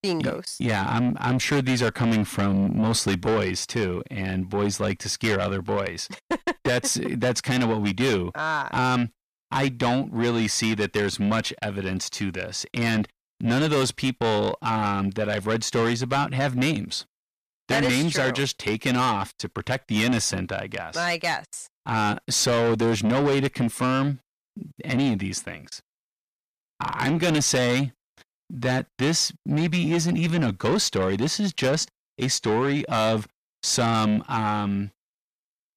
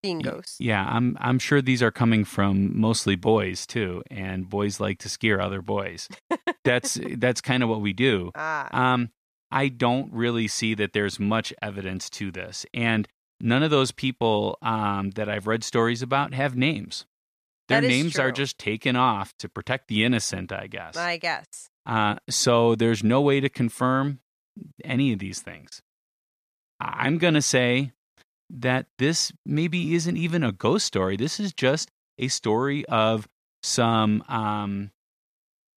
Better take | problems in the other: second | distortion; heavy; 7 dB below the speech

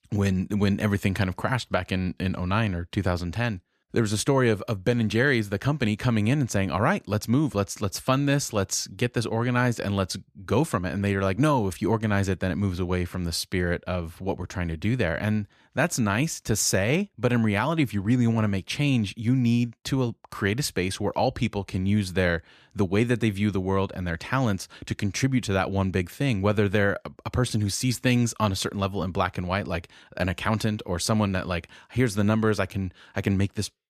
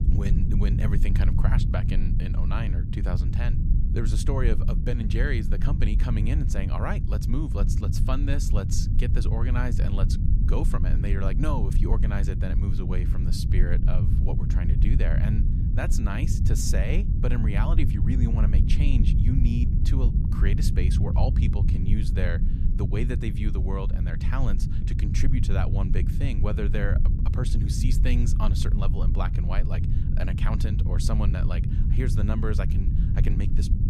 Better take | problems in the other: first | low rumble; loud; throughout; 4 dB below the speech

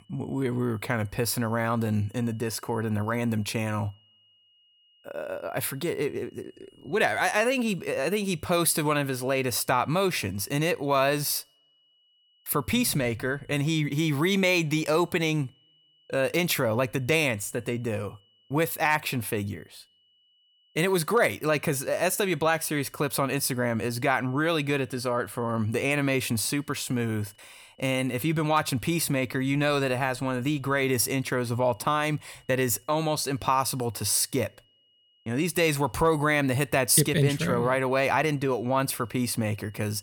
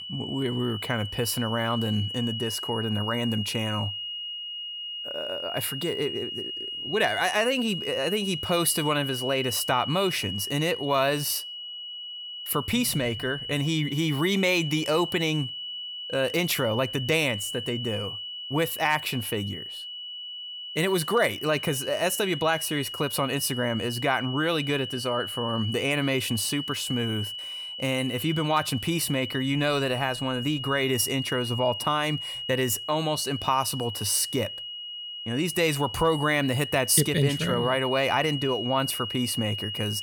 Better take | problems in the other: first | high-pitched whine; loud; throughout; 3 kHz, 6 dB below the speech; faint in the first

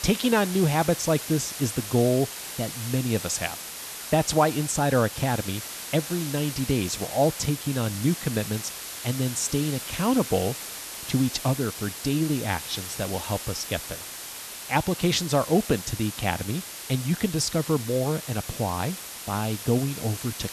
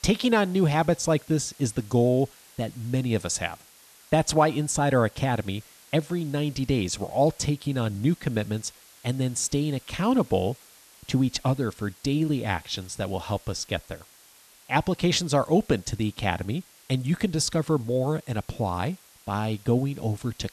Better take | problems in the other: second | hiss; loud; throughout; 8 dB below the speech; faint in the second

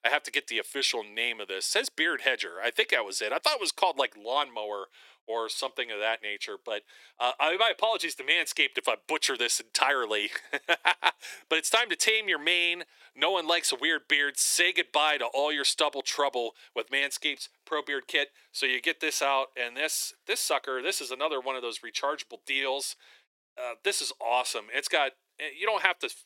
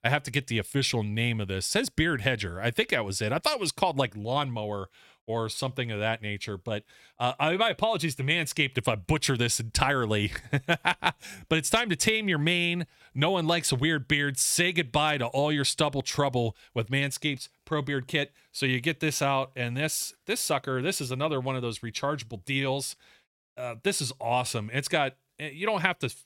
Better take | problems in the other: second | thin; very; fading below 350 Hz

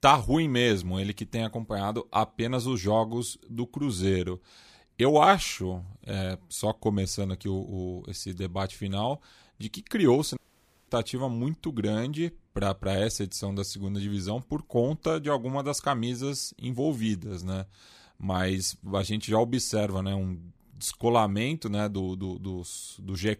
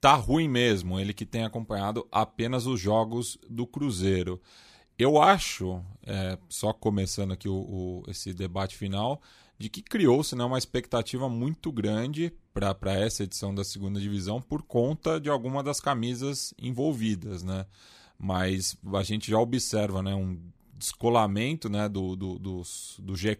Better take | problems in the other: second | audio cutting out; at 10 s for 0.5 s

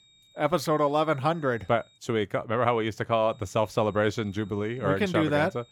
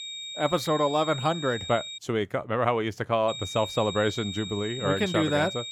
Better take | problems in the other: first | high-pitched whine; loud; until 2 s and from 3.5 s on; 3.5 kHz, 8 dB below the speech; faint in the first

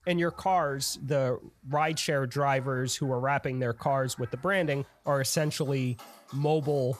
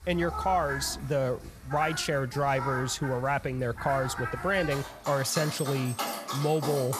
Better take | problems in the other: first | animal sounds; loud; throughout; 7 dB below the speech; faint in the first

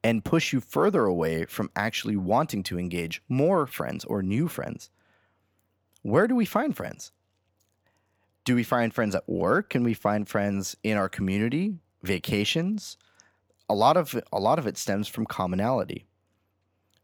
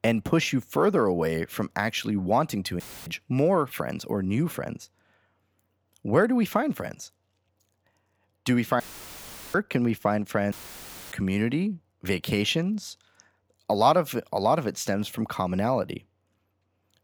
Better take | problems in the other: first | audio cutting out; filled with static; at 3 s, at 9 s for 0.5 s and at 11 s for 0.5 s

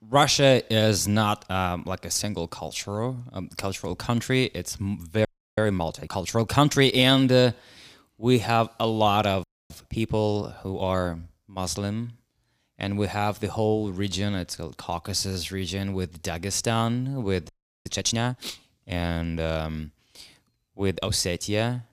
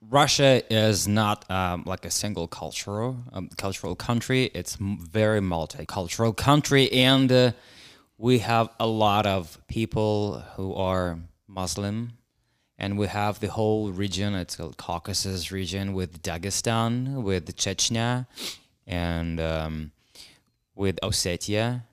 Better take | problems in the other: second | audio freezing; at 5.5 s, at 9.5 s and at 17 s

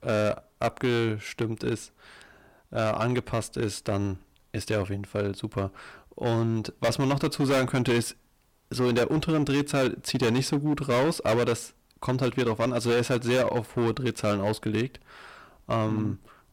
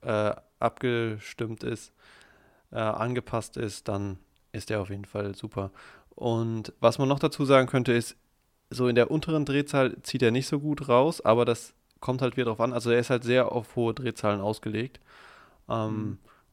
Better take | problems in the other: second | distortion; heavy; 11% of the sound clipped

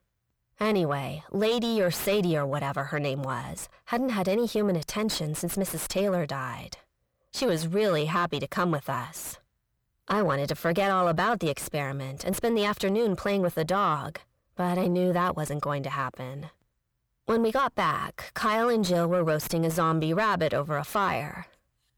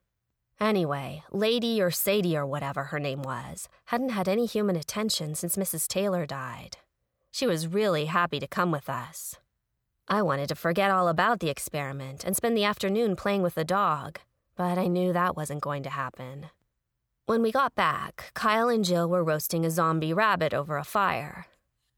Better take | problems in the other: second | distortion; slight; 10 dB below the speech

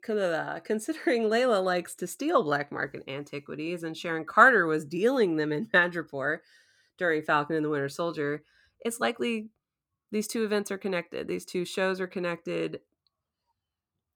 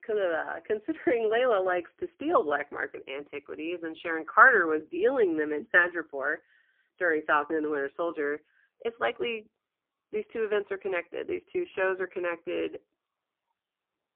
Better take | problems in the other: first | phone-call audio; poor line

